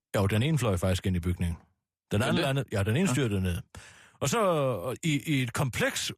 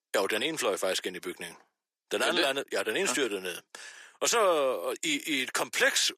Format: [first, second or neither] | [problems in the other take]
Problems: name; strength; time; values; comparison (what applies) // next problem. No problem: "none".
first | thin; very; fading below 350 Hz